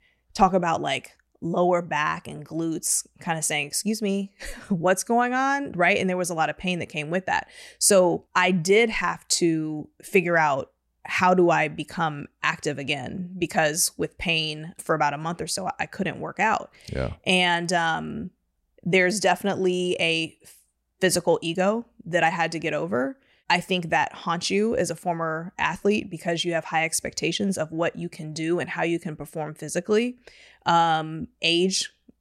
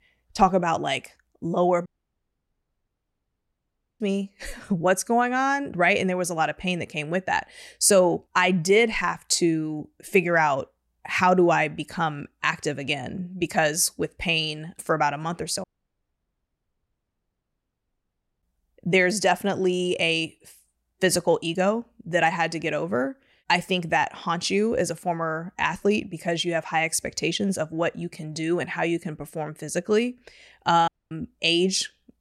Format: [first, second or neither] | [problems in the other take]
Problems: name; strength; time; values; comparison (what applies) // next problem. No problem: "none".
first | audio cutting out; at 2 s for 2 s, at 16 s for 3 s and at 31 s